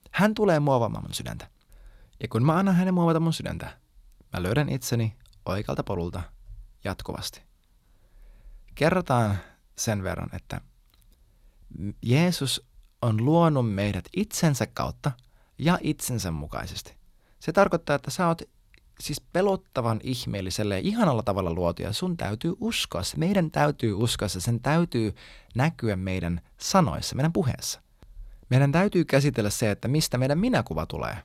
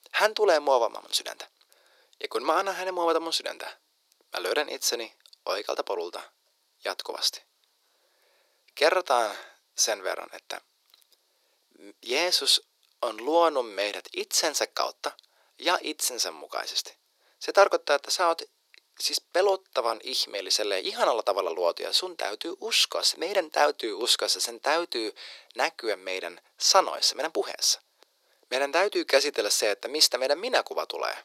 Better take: first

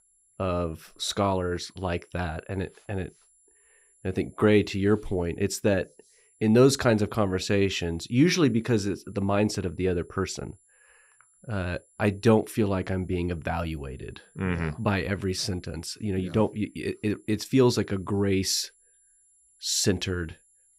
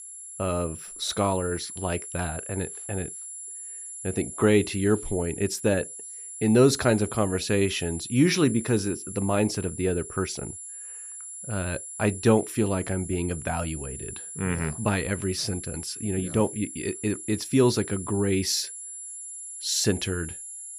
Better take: first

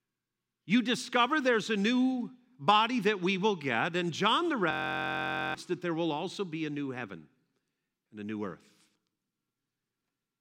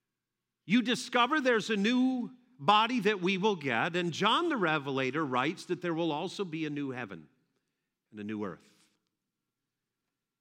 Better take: second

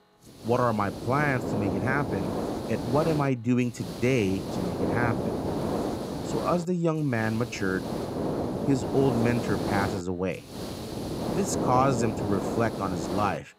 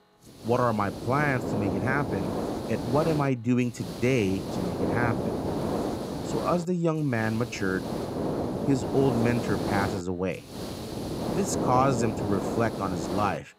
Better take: neither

